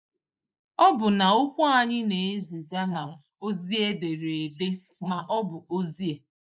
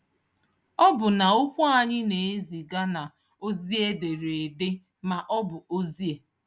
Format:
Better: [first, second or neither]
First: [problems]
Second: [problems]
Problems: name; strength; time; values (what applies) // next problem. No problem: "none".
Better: second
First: noise reduction (neural mask model Resemble Enhance denoiser)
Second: none